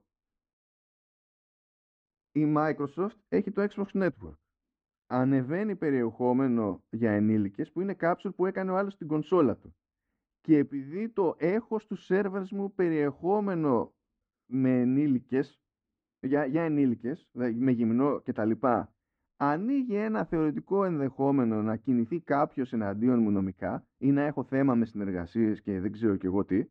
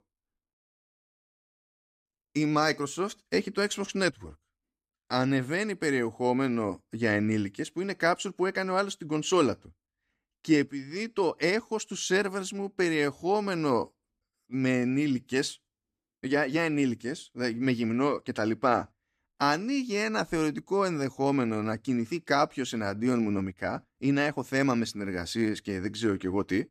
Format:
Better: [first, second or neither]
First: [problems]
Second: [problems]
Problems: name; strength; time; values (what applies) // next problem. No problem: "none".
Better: second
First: muffled; very; fading above 1 kHz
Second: none